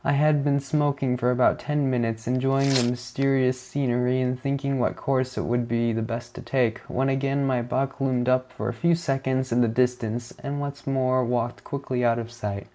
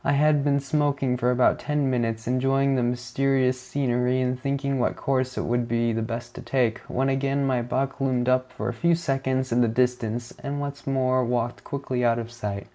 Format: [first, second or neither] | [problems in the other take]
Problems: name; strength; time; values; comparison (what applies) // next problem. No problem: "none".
second | background sound (Tearing); 12 dB below the speech